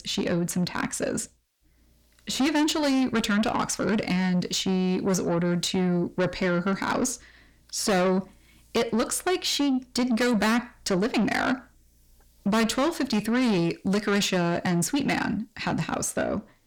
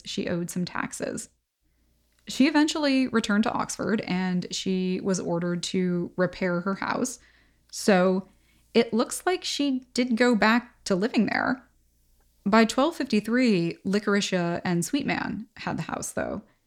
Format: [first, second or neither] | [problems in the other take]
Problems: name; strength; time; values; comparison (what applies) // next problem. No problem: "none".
second | distortion; heavy; 7 dB below the speech